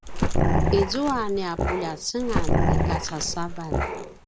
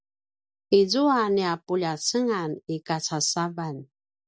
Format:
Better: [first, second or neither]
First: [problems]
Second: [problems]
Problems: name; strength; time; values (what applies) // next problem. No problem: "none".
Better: second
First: background sound (Growling); 5 dB above the speech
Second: none